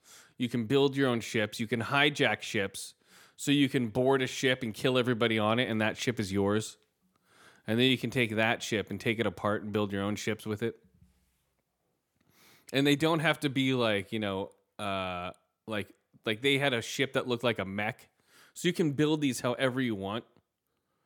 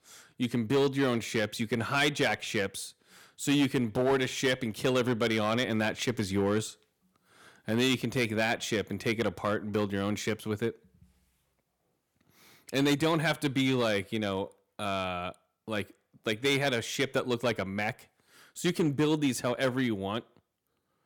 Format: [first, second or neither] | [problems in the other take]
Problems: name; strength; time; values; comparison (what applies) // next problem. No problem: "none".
first | distortion; slight; 4% of the sound clipped